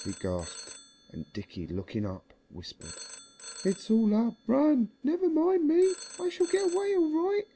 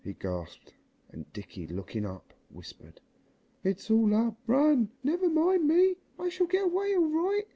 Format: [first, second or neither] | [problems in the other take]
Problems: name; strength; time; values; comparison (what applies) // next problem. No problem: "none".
second | background sound (Telephone); 18 dB below the speech